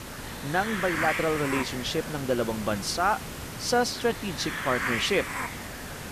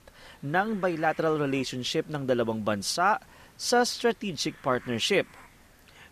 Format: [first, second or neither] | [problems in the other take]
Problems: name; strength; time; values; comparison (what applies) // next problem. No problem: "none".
second | hiss; loud; throughout; 5 dB below the speech; faint in the second